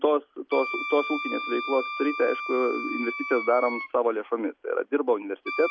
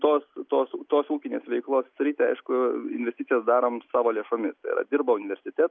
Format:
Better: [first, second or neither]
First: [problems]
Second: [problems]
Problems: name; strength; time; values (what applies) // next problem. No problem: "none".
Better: second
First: background sound (Wind instrument, woodwind instrument); 8 dB below the speech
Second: none